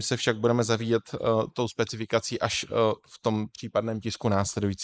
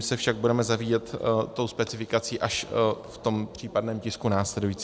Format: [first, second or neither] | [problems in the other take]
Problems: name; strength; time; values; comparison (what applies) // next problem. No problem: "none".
second | noise reduction (neural mask model Resemble Enhance denoiser)